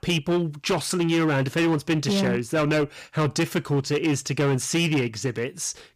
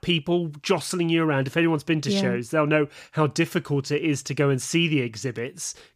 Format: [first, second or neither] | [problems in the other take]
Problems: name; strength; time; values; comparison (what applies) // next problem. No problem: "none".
second | distortion; slight; 15% of the sound clipped